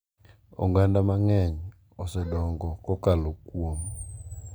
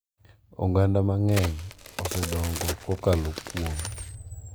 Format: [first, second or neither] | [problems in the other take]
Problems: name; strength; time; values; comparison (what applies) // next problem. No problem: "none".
first | background sound (Crack); 10 dB below the speech